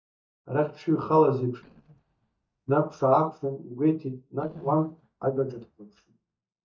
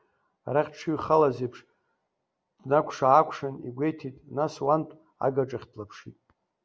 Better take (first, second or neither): second